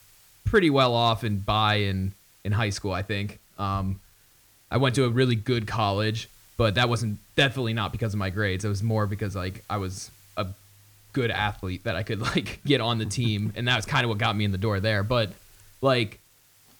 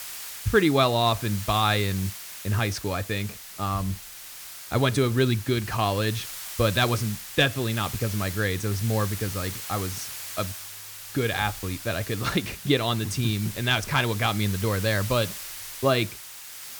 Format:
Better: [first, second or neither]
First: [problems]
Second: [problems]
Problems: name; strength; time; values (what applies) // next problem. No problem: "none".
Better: first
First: hiss; faint; throughout; 30 dB below the speech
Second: hiss; loud; throughout; 10 dB below the speech